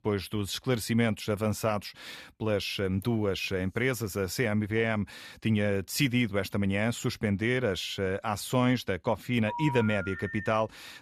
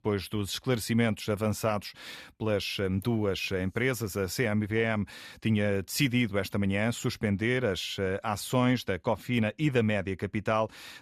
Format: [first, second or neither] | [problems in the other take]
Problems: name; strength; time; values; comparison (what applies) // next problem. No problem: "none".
second | phone ringing; noticeable; from 9.5 s on; peak 6 dB below the speech